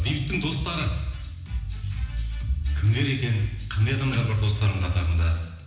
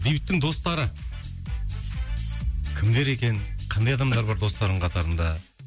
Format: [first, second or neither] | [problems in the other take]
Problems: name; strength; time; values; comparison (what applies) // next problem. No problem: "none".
second | room echo; dies away in 1 s